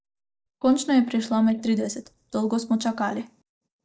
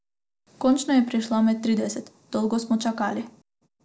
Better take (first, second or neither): second